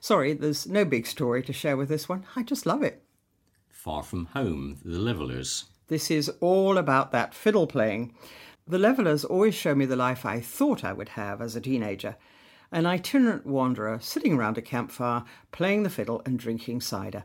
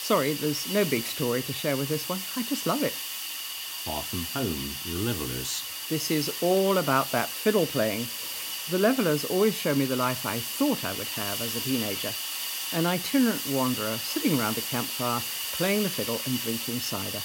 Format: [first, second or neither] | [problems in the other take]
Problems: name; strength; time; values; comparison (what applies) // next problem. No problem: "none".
first | hiss; loud; throughout; 3 dB below the speech